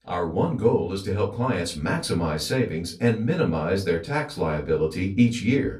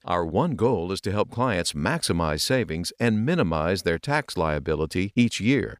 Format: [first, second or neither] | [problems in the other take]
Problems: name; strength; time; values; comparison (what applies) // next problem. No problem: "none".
second | off-mic speech; far // room echo; very slight; dies away in 0.2 s